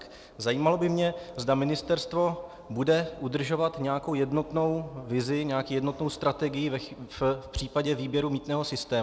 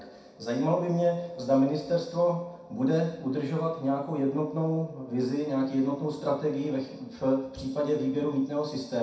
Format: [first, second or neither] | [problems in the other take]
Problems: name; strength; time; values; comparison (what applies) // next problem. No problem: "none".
first | room echo; dies away in 0.6 s